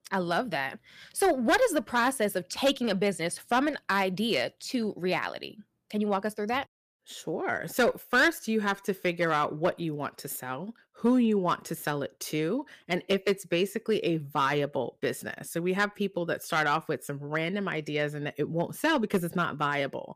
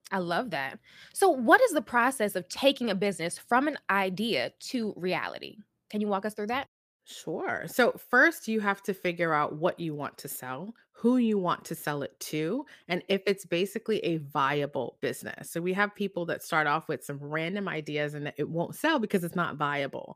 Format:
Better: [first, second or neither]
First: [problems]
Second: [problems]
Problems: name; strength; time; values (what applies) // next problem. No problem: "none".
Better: second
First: distortion; slight; 2% of the sound clipped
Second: none